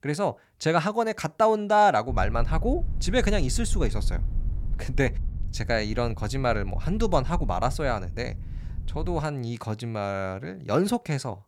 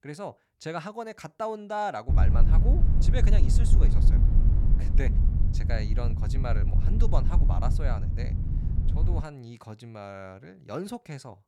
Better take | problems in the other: first | low rumble; loud; from 2 to 9 s; 6 dB below the speech; faint in the first

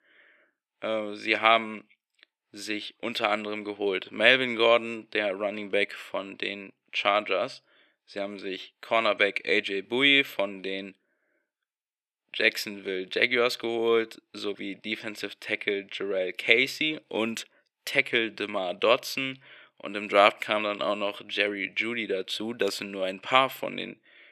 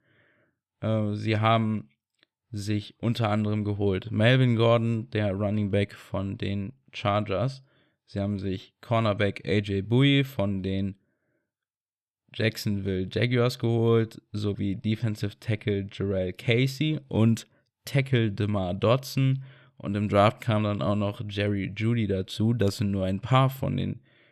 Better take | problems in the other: second | thin; very; fading below 350 Hz

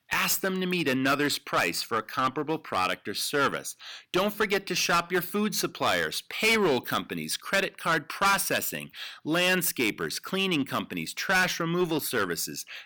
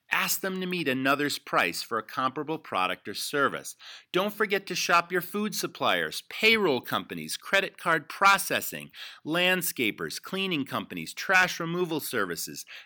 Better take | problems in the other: second | distortion; heavy; 6% of the sound clipped

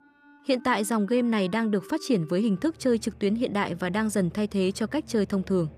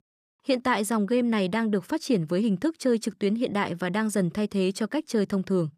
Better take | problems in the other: second | background music; faint; throughout; 20 dB below the speech

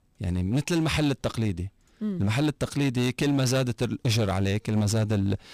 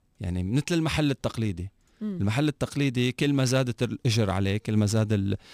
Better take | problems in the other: second | distortion; slight; 10% of the sound clipped

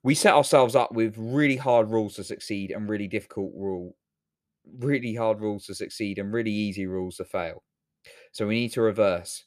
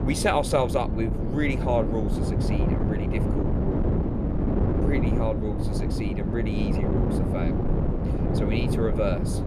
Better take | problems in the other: first | wind noise on the microphone; heavy; 3 dB below the speech

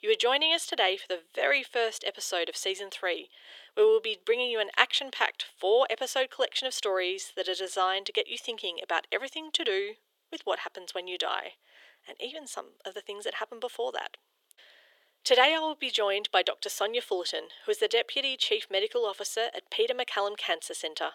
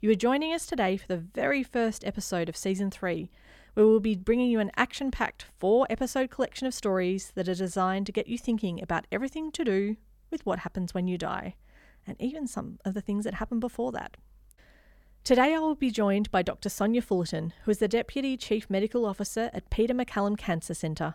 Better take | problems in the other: second | thin; very; fading below 400 Hz

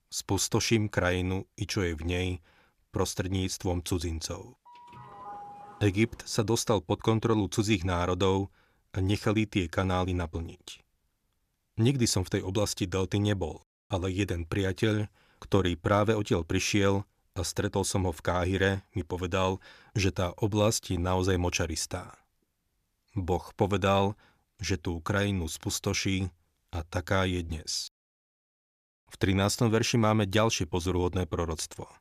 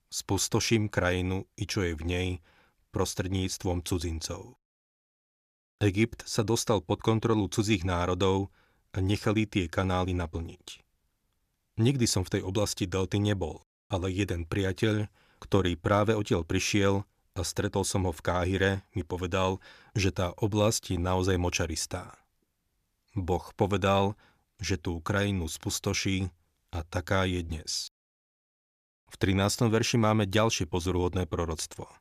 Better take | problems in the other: second | doorbell; faint; from 4.5 to 6.5 s; peak 15 dB below the speech

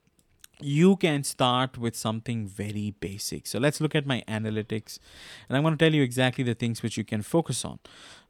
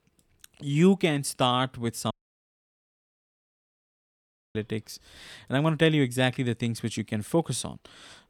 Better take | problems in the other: first | audio cutting out; at 2 s for 2.5 s

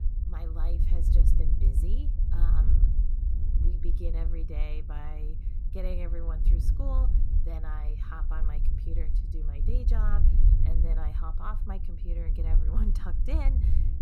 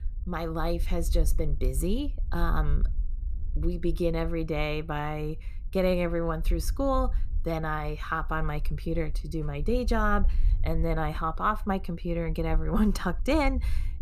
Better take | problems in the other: second | low rumble; loud; throughout; 4 dB below the speech; faint in the second

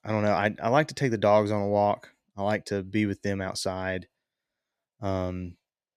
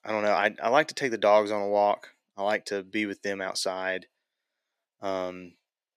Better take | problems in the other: first | thin; somewhat; fading below 350 Hz

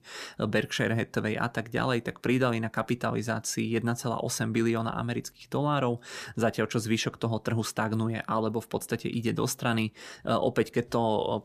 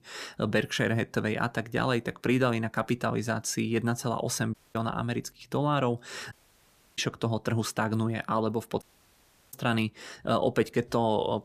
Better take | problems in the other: first | audio cutting out; at 4.5 s, at 6.5 s for 0.5 s and at 9 s for 0.5 s

